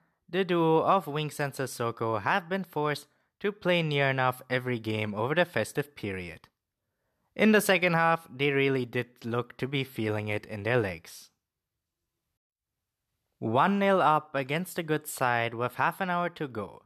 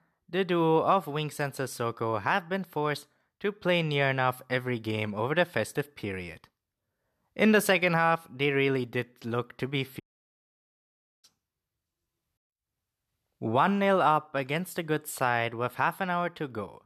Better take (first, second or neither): first